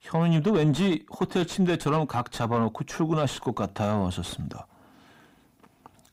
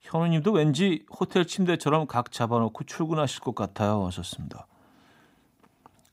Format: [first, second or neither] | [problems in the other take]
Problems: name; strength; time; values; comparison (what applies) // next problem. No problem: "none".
second | distortion; slight; 10 dB below the speech